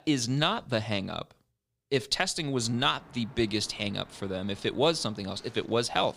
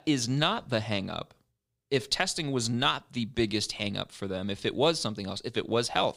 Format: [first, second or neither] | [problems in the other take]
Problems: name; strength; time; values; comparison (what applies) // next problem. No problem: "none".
second | train or aircraft noise; faint; from 2.5 s on; 25 dB below the speech